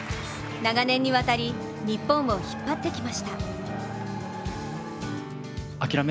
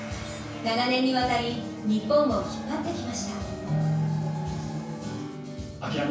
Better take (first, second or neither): first